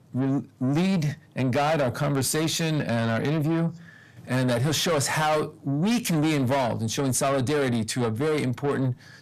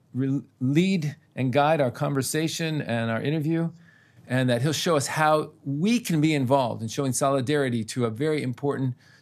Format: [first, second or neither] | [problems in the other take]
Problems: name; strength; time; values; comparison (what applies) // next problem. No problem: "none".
second | distortion; heavy; 8 dB below the speech